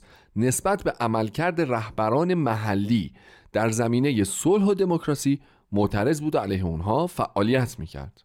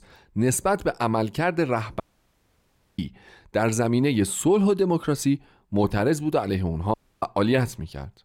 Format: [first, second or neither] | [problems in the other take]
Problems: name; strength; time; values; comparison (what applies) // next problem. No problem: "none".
first | audio cutting out; at 2 s for 1 s and at 7 s